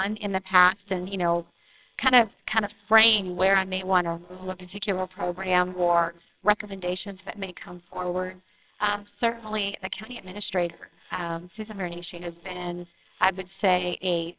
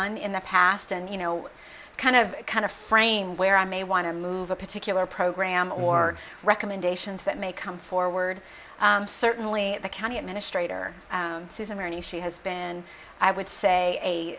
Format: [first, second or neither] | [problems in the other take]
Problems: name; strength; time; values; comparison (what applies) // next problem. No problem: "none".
second | noise reduction (neural separator model SepFormer WHAMR!)